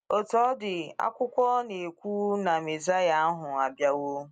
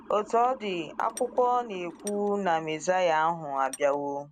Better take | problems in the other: first | background sound (Motor vehicle (road) / Siren + Tools); 20 dB below the speech

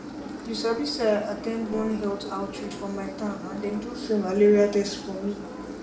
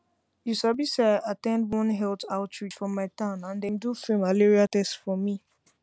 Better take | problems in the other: second | background sound (Engine); 10 dB below the speech // room echo; dies away in 0.5 s

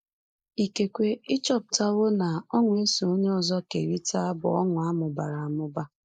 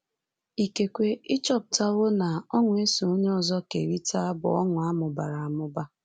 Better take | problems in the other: second | noise reduction (neural mask model Resemble Enhance denoiser)

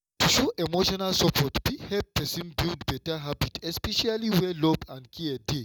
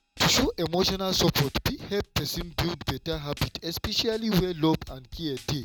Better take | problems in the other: first | background sound (Drum kit); 17 dB below the speech

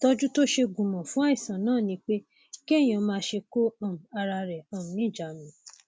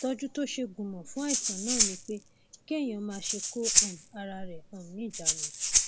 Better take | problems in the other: first | background sound (Rattle (instrument)); 5 dB above the speech

